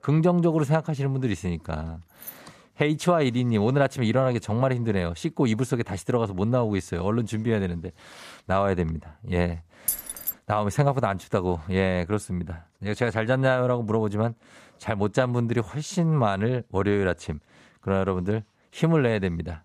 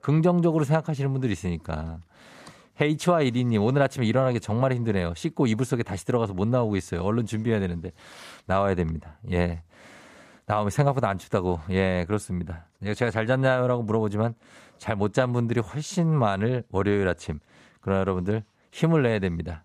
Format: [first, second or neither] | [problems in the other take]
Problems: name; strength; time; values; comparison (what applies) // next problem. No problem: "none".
second | jangling keys; faint; at 2 s; peak 15 dB below the speech // jangling keys; noticeable; at 10 s; peak 2 dB below the speech